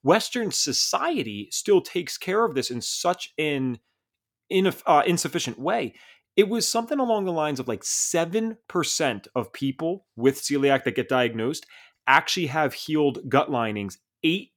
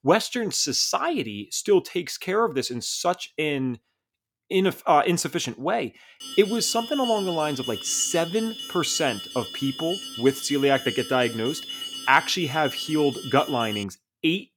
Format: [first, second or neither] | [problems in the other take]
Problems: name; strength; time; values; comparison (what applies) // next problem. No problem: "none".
first | alarm; noticeable; from 6 to 14 s; peak 7 dB below the speech